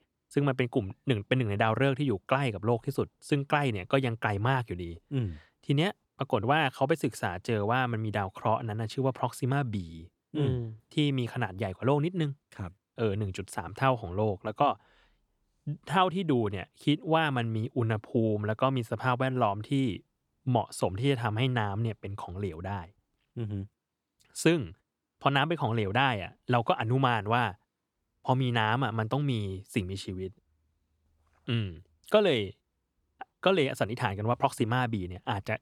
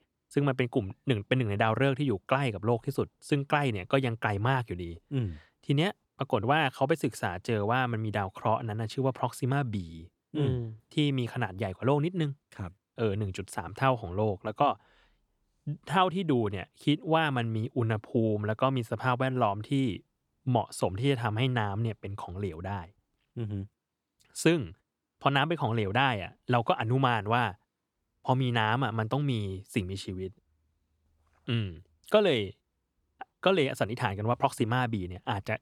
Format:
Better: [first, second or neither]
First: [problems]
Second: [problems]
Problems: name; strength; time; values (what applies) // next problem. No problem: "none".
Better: neither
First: none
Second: none